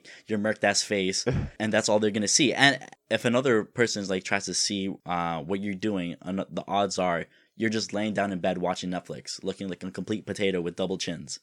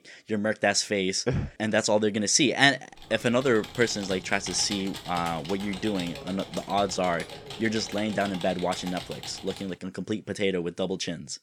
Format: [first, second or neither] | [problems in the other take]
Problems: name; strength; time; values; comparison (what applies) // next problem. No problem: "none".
first | keyboard typing; noticeable; from 3 to 9.5 s; peak 9 dB below the speech